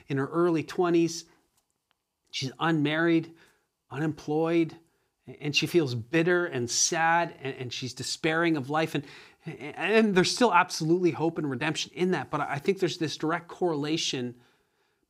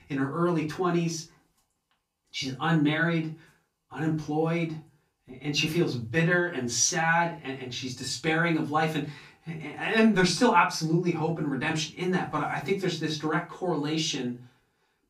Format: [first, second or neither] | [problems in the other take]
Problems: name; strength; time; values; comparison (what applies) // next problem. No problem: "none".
first | off-mic speech; far // room echo; very slight; dies away in 0.3 s